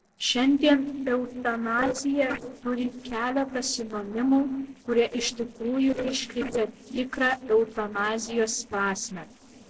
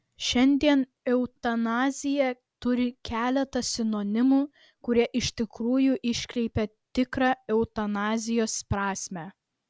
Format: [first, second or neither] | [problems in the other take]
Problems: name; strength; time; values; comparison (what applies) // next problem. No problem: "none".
second | noise reduction (neural separator model SepFormer DNS4)